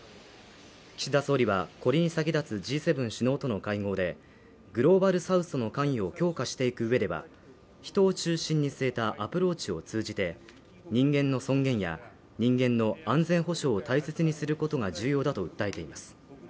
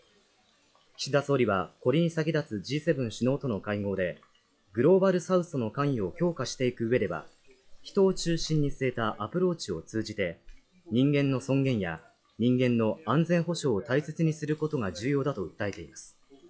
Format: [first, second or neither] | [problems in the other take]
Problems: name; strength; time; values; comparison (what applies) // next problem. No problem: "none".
first | noise reduction (classical method log-MMSE)